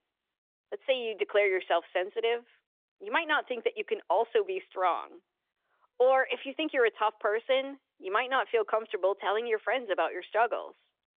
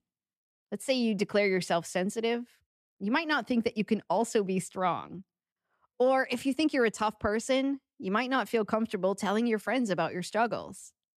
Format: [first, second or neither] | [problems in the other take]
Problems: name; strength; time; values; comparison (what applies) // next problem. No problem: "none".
second | phone-call audio; nothing above 3.5 kHz